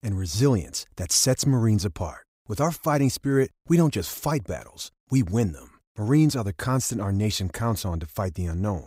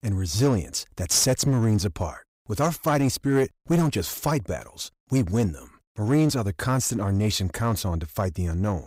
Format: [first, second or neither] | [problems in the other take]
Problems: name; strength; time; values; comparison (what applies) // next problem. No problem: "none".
first | distortion; slight; 6% of the sound clipped